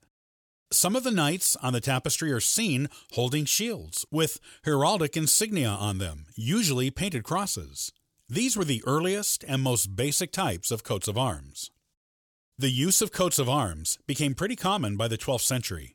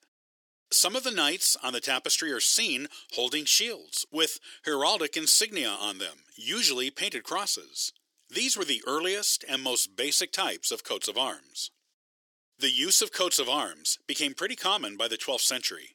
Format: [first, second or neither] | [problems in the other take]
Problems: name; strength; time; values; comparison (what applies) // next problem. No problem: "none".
first | thin; somewhat; fading below 300 Hz